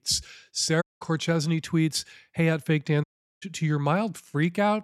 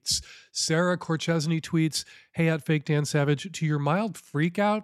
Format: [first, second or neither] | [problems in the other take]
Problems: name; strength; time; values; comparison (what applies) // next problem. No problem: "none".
second | audio cutting out; at 1 s and at 3 s